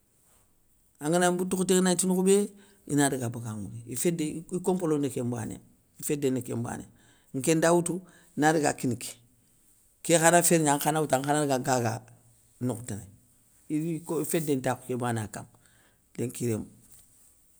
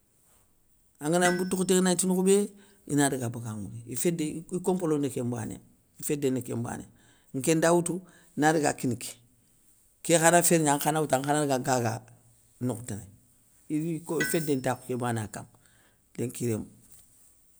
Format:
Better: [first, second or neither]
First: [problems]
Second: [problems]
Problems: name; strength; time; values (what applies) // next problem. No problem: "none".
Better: first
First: none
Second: background sound (Tools); 15 dB below the speech